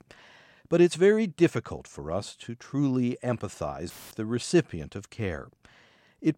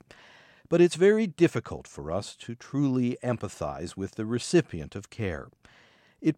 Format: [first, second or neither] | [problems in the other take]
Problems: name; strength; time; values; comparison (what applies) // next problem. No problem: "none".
second | audio cutting out; filled with static; at 4 s